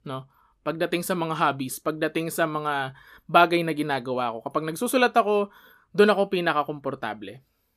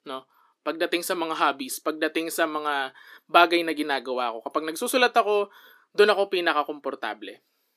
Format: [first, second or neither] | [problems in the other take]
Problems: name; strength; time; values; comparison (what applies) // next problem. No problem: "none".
first | thin; very slightly; fading below 300 Hz